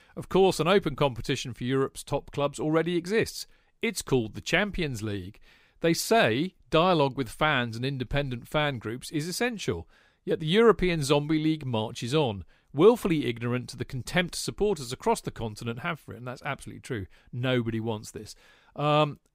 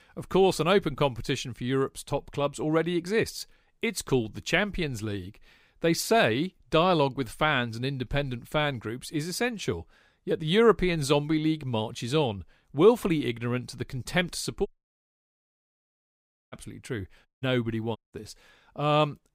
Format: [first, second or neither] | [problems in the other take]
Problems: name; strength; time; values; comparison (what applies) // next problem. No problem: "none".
first | audio cutting out; at 15 s for 2 s, at 17 s and at 18 s